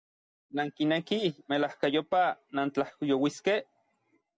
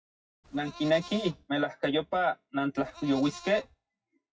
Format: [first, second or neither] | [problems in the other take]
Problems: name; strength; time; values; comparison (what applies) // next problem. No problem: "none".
first | noise reduction (classical method WPE with log-MMSE)